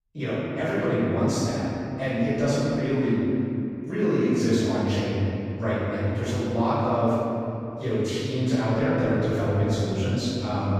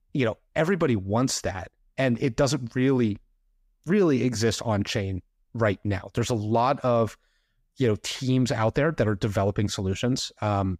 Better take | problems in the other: second | off-mic speech; far // room echo; strong; dies away in 2.8 s

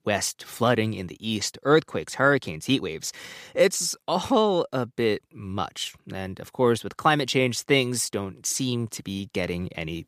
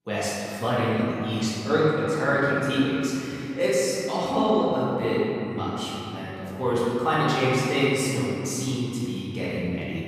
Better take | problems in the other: first | room echo; strong; dies away in 3 s // off-mic speech; far

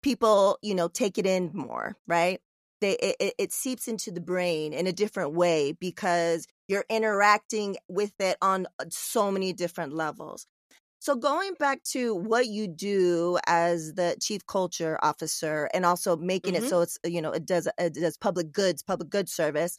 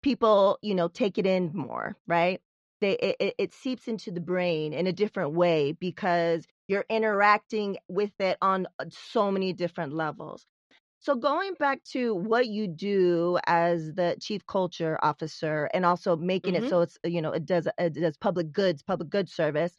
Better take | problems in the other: first | muffled; slightly; fading above 4 kHz

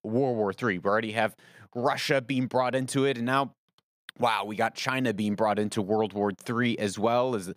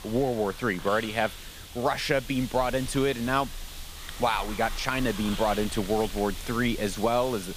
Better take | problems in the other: first | hiss; noticeable; throughout; 10 dB below the speech

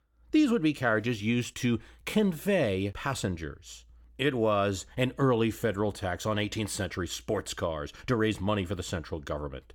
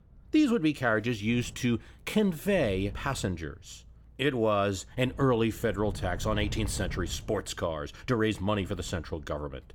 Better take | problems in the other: first | wind noise on the microphone; occasional gusts; 25 dB below the speech

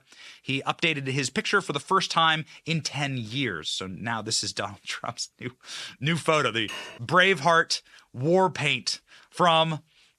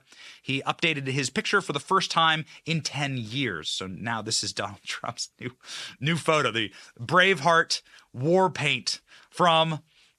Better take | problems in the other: second | clattering dishes; faint; at 6.5 s; peak 10 dB below the speech

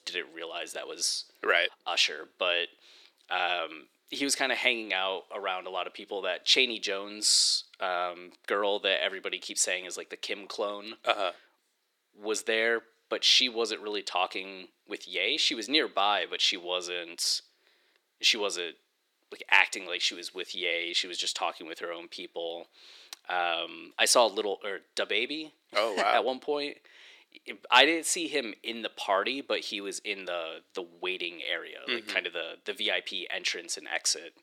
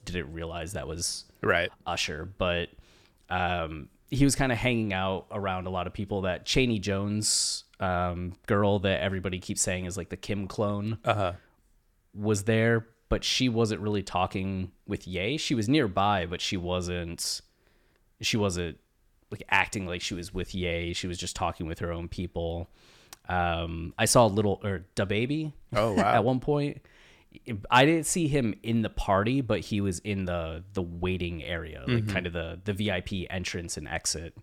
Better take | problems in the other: second | thin; very; fading below 350 Hz

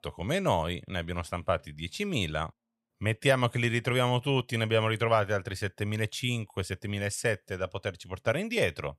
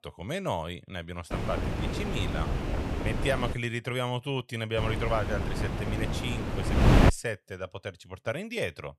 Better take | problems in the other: first | wind noise on the microphone; heavy; from 1.5 to 3.5 s and from 5 to 7 s; as loud as the speech

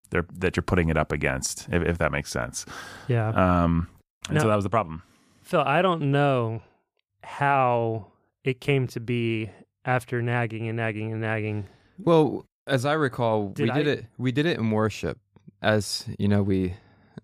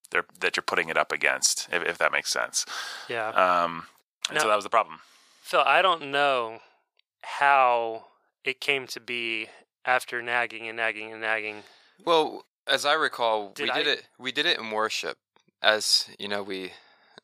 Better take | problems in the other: first | thin; very; fading below 700 Hz

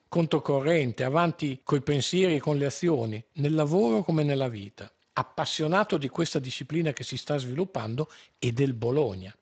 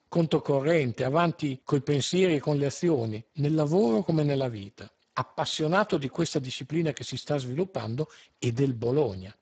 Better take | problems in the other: first | garbled, watery; badly; nothing above 7.5 kHz; slightly in the first

